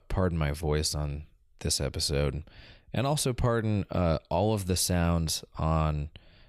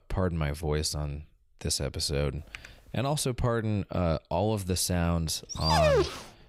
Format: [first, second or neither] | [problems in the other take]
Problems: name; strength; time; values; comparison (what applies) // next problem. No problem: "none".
first | keyboard typing; faint; at 2.5 s; peak 15 dB below the speech // dog barking; loud; at 5.5 s; peak 6 dB above the speech